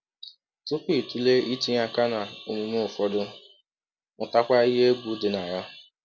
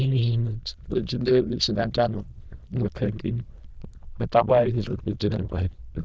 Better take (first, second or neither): first